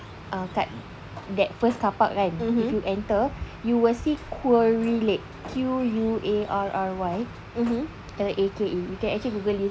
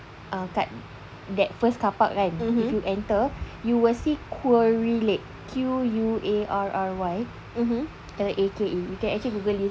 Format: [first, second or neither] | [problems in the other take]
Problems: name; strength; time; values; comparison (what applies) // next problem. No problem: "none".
second | background sound (Sliding door); 20 dB below the speech